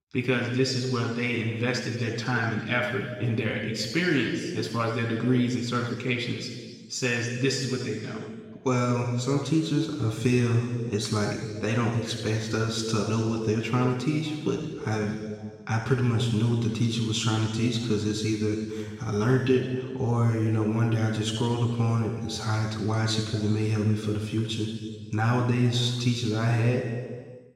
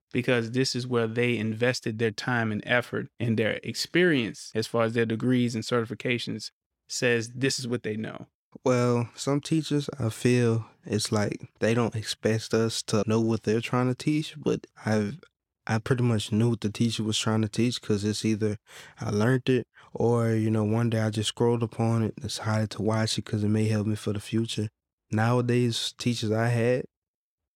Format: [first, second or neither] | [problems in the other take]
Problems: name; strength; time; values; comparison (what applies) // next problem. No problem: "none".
second | room echo; noticeable; dies away in 1.5 s // off-mic speech; far